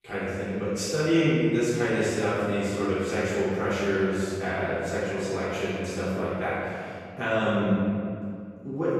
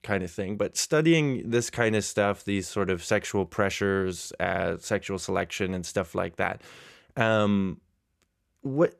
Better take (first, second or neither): second